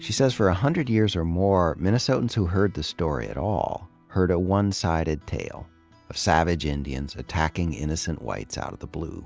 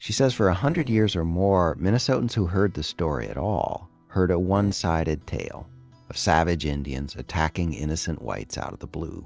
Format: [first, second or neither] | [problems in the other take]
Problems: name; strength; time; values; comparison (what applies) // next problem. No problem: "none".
first | noise reduction (neural separator model SepFormer DNS4)